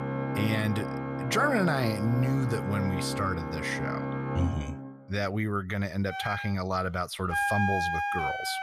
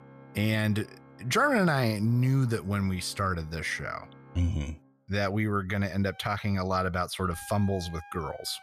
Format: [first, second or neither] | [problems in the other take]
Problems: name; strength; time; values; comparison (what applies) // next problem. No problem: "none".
second | background music; loud; throughout; 2 dB below the speech; faint in the second